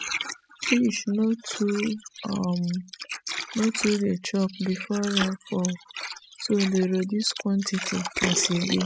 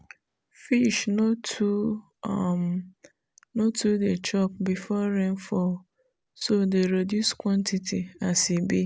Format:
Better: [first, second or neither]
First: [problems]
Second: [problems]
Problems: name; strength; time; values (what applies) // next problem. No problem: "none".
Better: second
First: noise reduction (classical method spectral subtraction)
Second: none